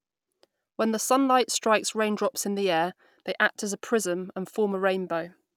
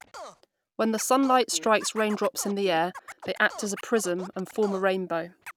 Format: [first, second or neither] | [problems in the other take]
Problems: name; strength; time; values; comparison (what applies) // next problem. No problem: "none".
first | background sound (Scratching (performance technique)); 18 dB below the speech